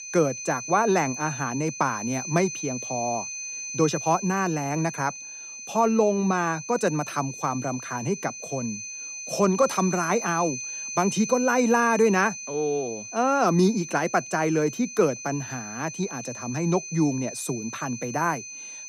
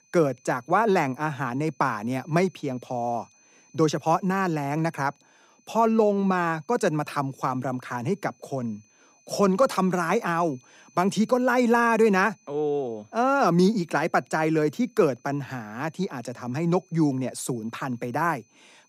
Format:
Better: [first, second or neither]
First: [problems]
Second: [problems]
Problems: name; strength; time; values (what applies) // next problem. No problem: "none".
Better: second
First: high-pitched whine; loud; throughout; 6 kHz, 9 dB below the speech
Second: high-pitched whine; faint; throughout; 6 kHz, 35 dB below the speech